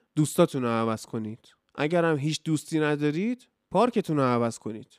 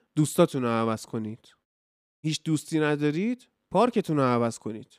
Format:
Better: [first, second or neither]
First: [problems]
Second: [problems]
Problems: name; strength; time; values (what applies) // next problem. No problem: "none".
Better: first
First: none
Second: audio cutting out; at 1.5 s for 0.5 s